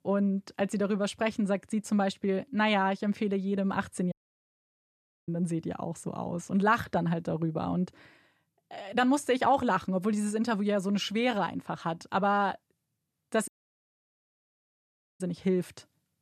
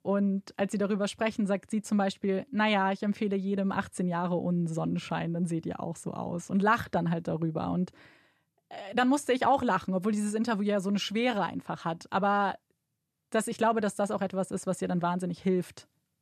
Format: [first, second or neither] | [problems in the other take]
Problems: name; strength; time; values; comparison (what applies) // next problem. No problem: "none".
second | audio cutting out; at 4 s for 1 s and at 13 s for 1.5 s